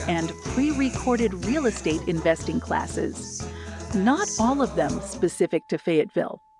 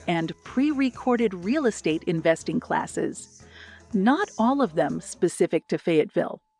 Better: second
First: background music; loud; throughout; 9 dB below the speech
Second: background music; faint; throughout; 25 dB below the speech

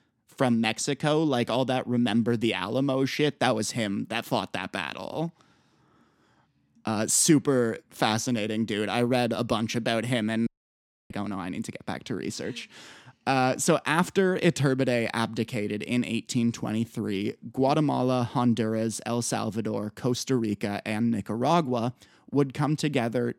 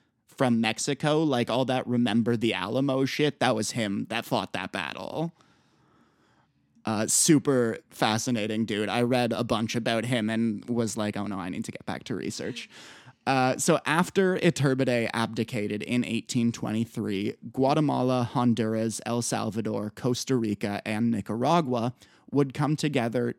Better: second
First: audio cutting out; at 10 s for 0.5 s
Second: none

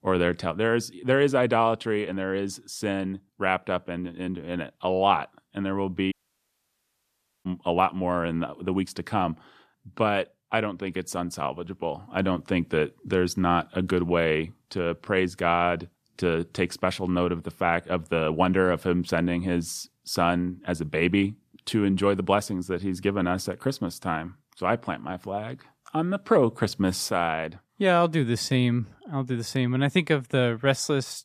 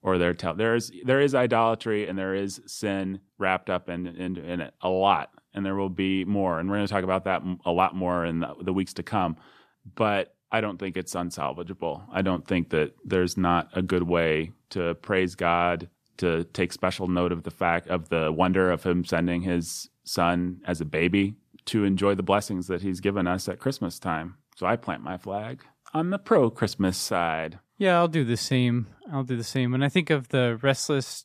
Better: second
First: audio cutting out; at 6 s for 1.5 s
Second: none

